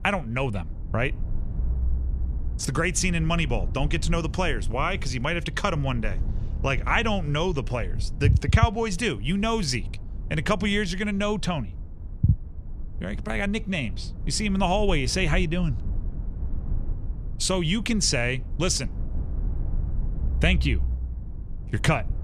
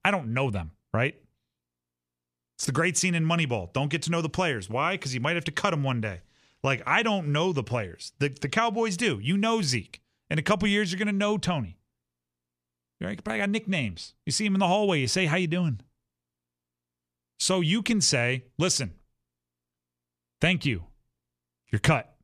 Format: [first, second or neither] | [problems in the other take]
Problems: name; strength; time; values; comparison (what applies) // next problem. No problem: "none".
second | low rumble; noticeable; throughout; 20 dB below the speech